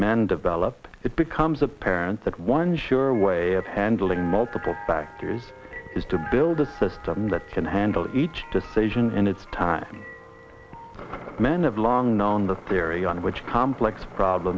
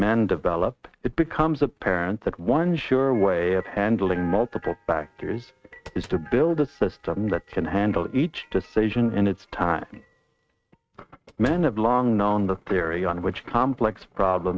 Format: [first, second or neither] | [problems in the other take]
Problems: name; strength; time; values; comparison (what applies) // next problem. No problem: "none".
first | noise reduction (neural mask model RNNoise)